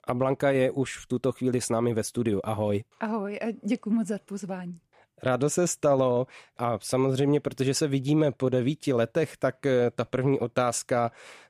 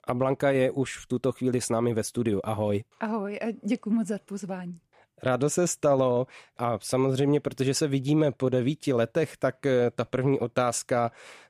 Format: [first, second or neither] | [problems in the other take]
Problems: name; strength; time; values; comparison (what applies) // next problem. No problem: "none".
neither | none